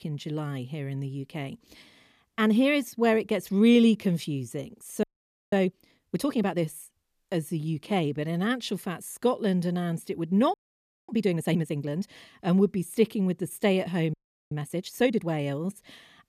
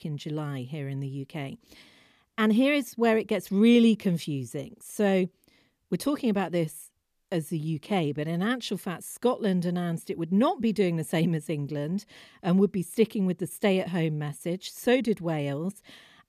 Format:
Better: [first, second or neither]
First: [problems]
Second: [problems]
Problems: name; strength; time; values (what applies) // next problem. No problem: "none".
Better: second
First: audio freezing; at 5 s, at 11 s for 0.5 s and at 14 s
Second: none